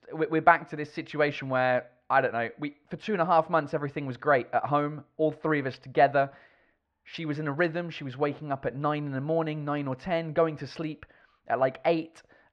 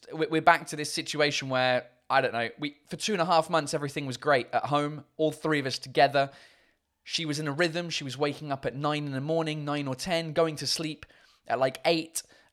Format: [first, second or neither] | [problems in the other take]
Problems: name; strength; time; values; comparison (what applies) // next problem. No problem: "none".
second | muffled; very; fading above 1.5 kHz